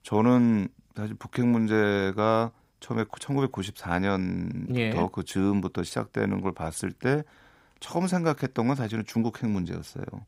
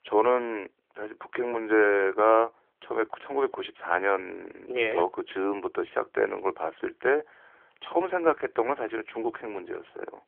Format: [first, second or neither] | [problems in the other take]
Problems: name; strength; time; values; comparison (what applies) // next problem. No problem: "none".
first | phone-call audio; nothing above 3.5 kHz